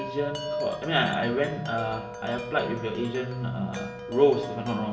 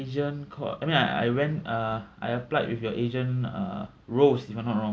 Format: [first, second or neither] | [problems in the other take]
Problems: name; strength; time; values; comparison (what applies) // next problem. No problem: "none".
second | background sound (Wind chime); 9 dB below the speech // room echo; dies away in 0.8 s